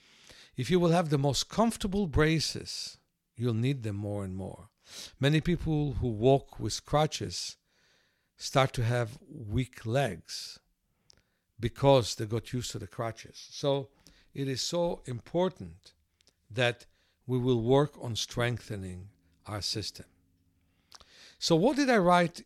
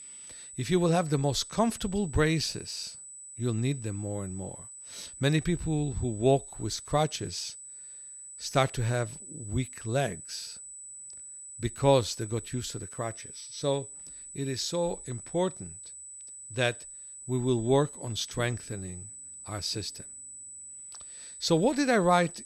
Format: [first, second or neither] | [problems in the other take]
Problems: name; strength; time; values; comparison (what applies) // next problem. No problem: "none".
first | high-pitched whine; noticeable; throughout; 8 kHz, 15 dB below the speech